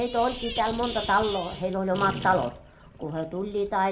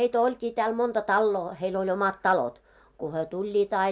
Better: second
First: background sound (Sink (filling or washing)); 11 dB below the speech // room echo; dies away in 0.2 s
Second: none

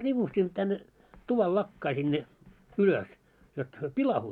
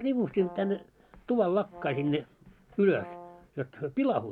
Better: first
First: none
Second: background sound (Brass instrument); 19 dB below the speech

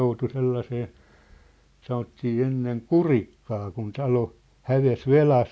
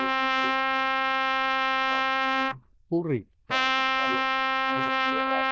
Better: first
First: none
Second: noise reduction (neural diffusion model UNIVERSE++)

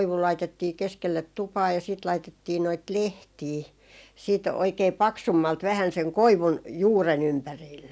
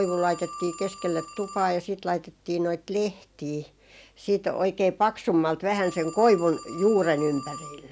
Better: first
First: none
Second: background sound (Telephone); 18 dB below the speech

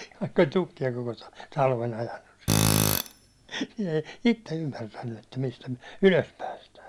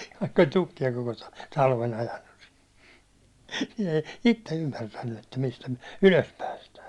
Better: second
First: background sound (Tools); 2 dB above the speech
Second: none

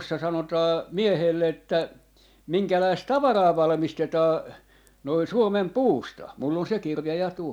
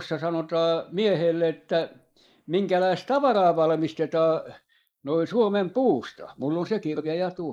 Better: first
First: none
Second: noise reduction (neural mask model Resemble Enhance denoiser)

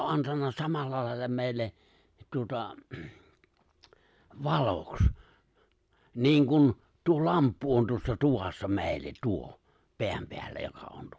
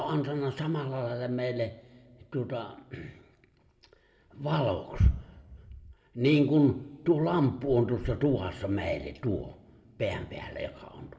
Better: first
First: none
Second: room echo; dies away in 1.2 s

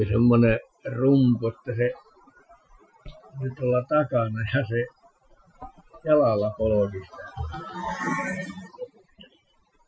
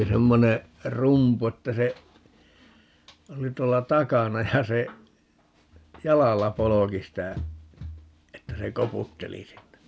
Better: second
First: noise reduction (classical method Wiener filter)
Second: none

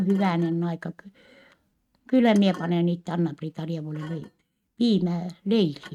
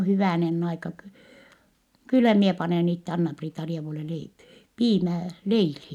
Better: second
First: noise reduction (neural mask model RNNoise)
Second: none

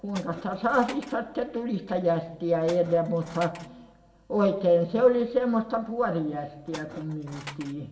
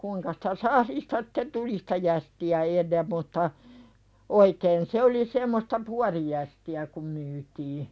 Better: second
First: background sound (Tools); 17 dB below the speech // room echo; dies away in 0.8 s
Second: none

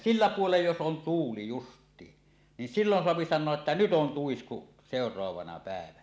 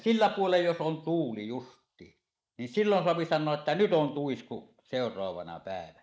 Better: first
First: none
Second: noise reduction (neural mask model Resemble Enhance denoiser)

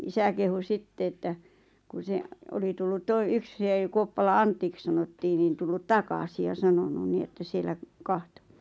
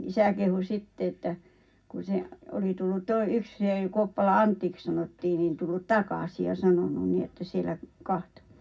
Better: first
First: none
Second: room echo; dies away in 0.3 s

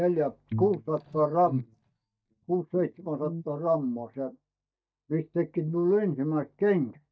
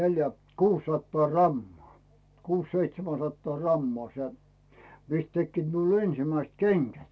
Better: second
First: noise reduction (neural mask model DeepFilterNet 3)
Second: none

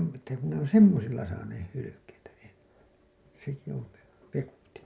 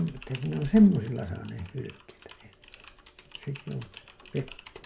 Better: first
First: none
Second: background sound (Typing); 19 dB below the speech

